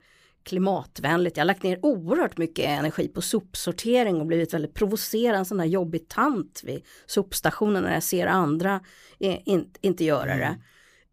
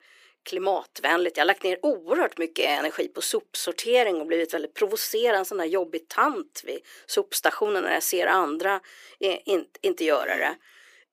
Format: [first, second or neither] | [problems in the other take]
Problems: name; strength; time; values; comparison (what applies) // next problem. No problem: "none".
first | thin; very; fading below 350 Hz